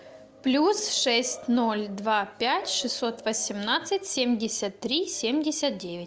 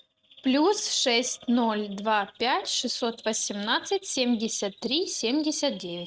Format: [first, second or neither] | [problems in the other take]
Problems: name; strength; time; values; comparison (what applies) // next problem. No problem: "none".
first | noise reduction (neural mask model RNNoise)